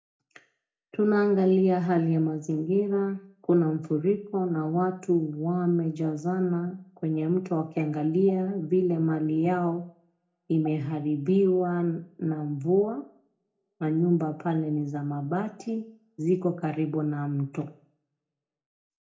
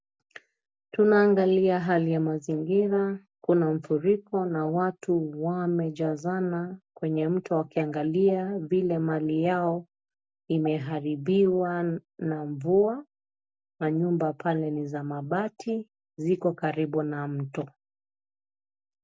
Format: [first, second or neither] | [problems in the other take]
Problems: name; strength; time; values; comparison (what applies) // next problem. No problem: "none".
second | room echo; dies away in 0.4 s